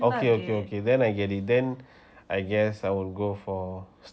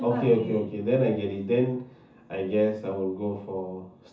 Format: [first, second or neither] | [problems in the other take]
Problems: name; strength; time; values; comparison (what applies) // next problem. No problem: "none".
first | room echo; dies away in 0.6 s